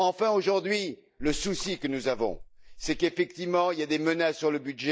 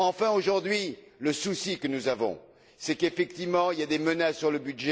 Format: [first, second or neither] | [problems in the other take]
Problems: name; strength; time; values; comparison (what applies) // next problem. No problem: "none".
second | noise reduction (neural mask model DeepFilterNet 3)